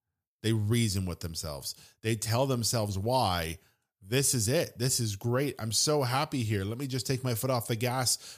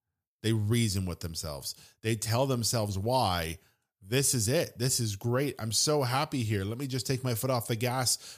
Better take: neither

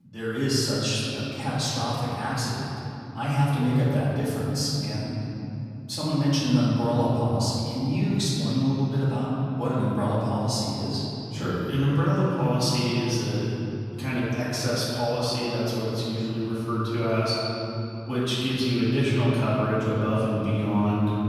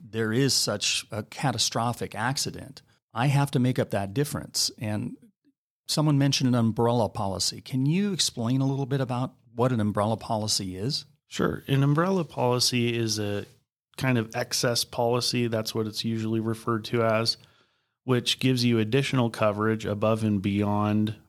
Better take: second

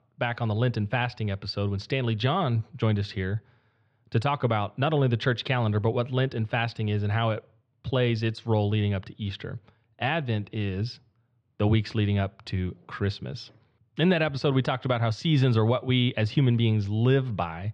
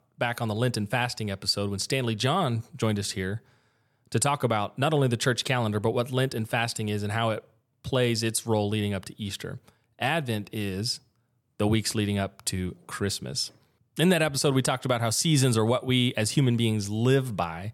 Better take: second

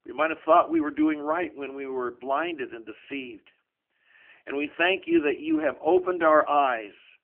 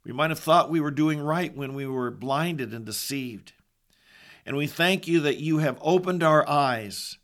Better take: second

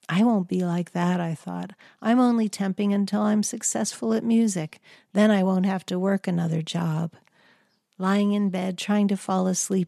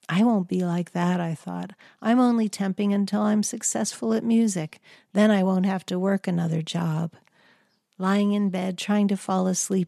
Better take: neither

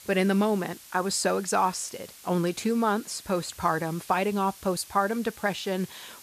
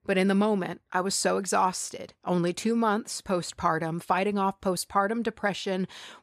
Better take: second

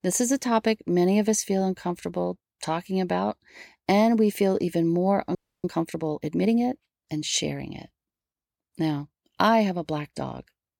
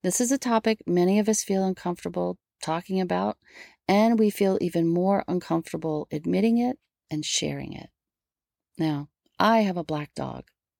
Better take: second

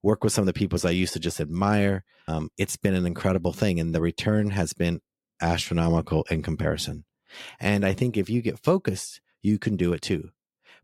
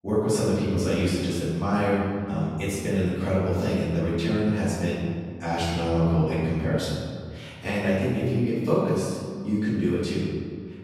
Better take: first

